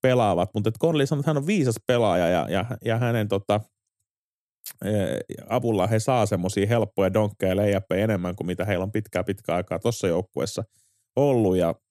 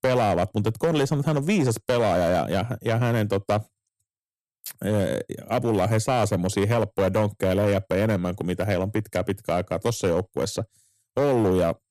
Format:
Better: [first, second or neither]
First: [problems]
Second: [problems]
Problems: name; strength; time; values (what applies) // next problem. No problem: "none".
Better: first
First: none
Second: distortion; slight; 7% of the sound clipped